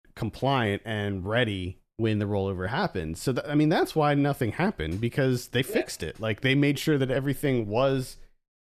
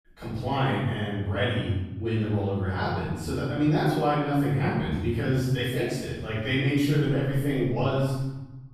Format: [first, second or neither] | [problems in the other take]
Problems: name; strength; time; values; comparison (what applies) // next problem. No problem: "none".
first | off-mic speech; far // room echo; strong; dies away in 1.2 s